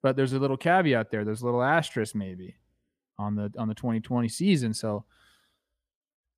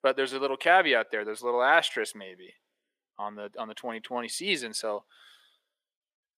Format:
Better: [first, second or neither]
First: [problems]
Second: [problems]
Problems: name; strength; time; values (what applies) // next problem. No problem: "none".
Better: first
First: none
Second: thin; very; fading below 400 Hz